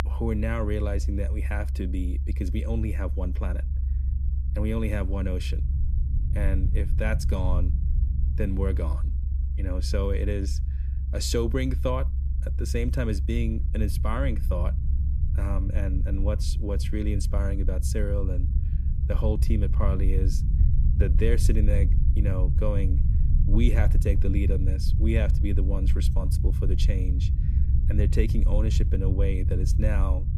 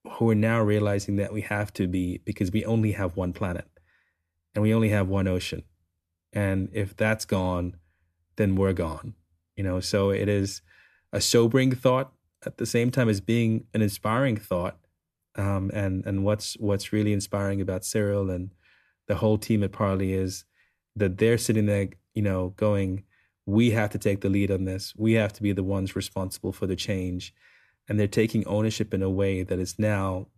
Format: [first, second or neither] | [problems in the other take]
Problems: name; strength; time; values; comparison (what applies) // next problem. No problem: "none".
second | low rumble; loud; throughout; 9 dB below the speech